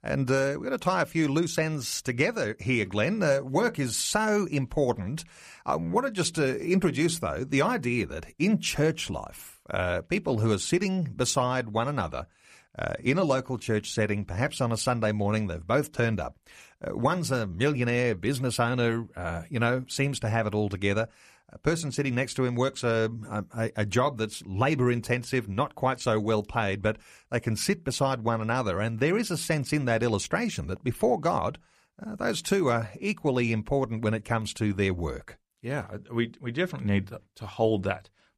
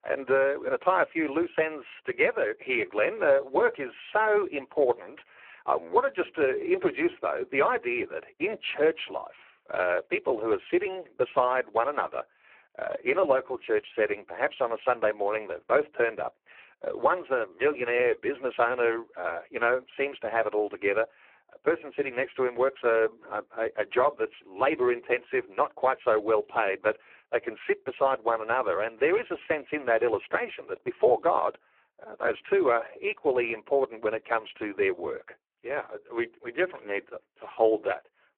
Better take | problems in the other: first | phone-call audio; poor line

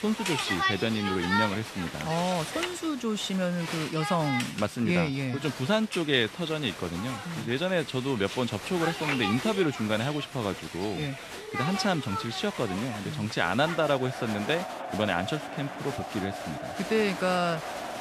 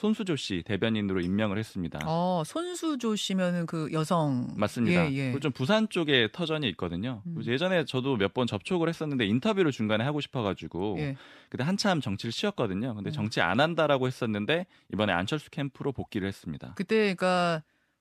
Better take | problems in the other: second | crowd noise; loud; throughout; 5 dB below the speech

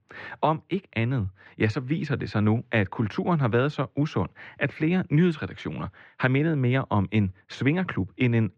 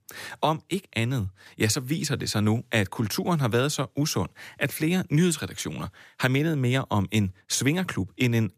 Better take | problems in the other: second | muffled; very; fading above 2.5 kHz

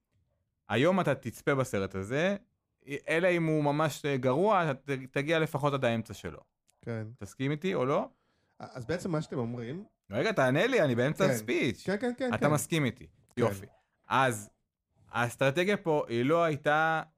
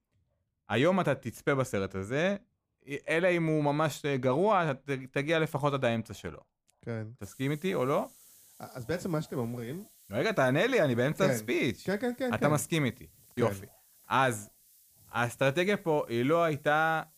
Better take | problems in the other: first | hiss; faint; from 7 s on; 25 dB below the speech

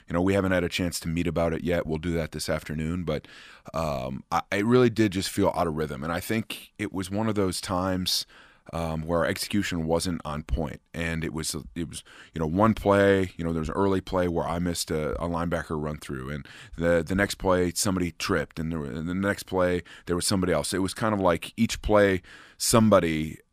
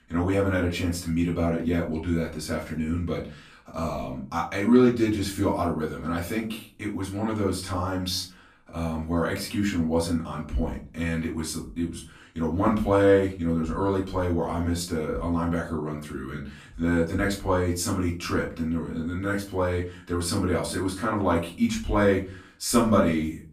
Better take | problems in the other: first | off-mic speech; far // room echo; slight; dies away in 0.3 s

